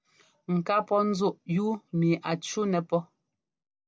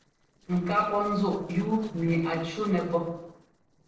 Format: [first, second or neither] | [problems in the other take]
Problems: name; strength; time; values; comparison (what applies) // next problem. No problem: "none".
first | noise reduction (neural separator model SepFormer DNS4)